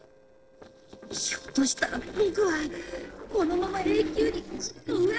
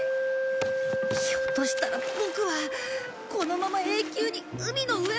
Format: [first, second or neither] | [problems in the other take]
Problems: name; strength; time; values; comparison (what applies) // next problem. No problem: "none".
second | noise reduction (neural separator model SepFormer DNS4)